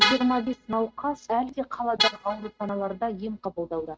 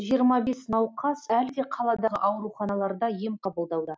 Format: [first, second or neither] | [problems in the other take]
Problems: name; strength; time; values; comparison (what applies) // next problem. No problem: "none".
second | noise reduction (neural mask model RNNoise)